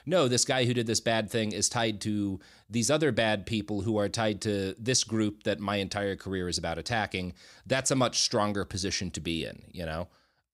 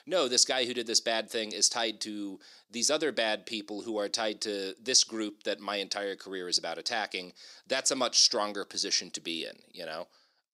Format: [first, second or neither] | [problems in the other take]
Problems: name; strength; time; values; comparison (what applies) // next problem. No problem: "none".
first | thin; somewhat; fading below 300 Hz